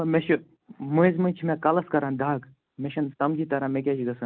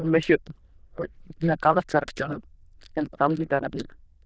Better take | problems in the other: first | noise reduction (neural diffusion model UNIVERSE++)

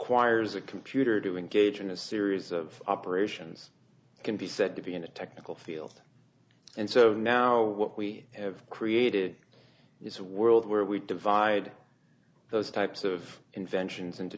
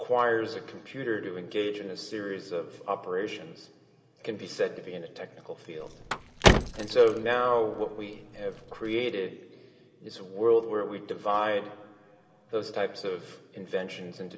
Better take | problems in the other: first | background sound (Car); 2 dB above the speech // room echo; dies away in 2.7 s

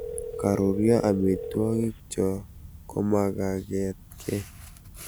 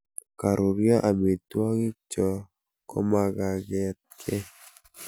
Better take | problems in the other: second | background sound (Telephone); 11 dB below the speech

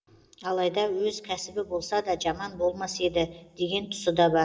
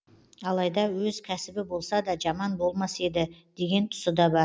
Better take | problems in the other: second | room echo; dies away in 2.2 s

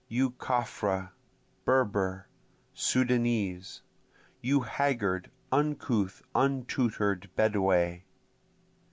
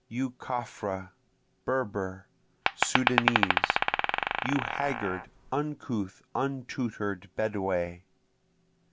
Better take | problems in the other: first | background sound (Glass); 4 dB above the speech

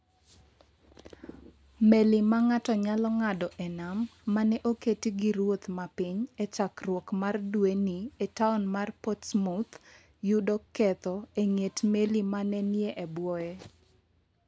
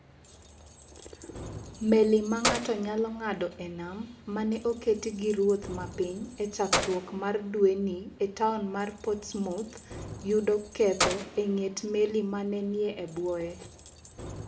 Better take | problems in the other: first | background sound (Keys jangling); 9 dB below the speech // room echo; dies away in 0.7 s

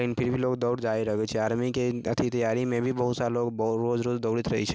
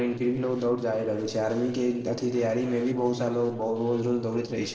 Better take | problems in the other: first | noise reduction (neural separator model SepFormer DNS4)

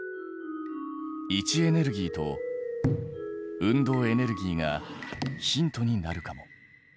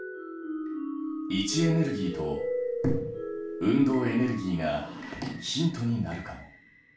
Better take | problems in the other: first | room echo; dies away in 0.3 s

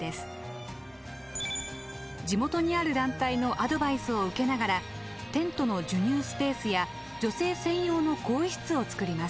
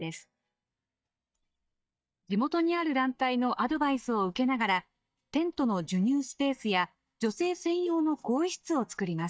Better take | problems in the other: first | noise reduction (neural mask model DeepFilterNet 3)

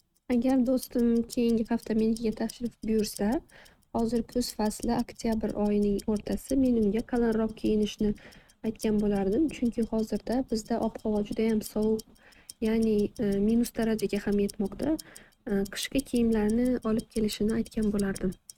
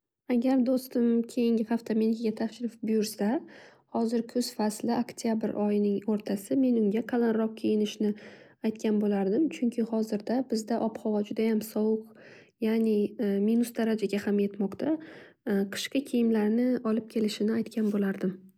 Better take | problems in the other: second | noise reduction (neural mask model RNNoise)

